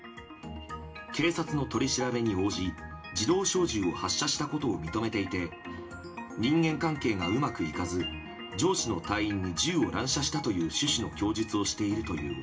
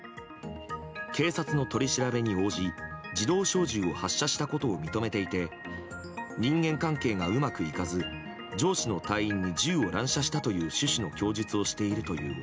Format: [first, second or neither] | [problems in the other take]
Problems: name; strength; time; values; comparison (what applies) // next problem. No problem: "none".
second | room echo; dies away in 0.2 s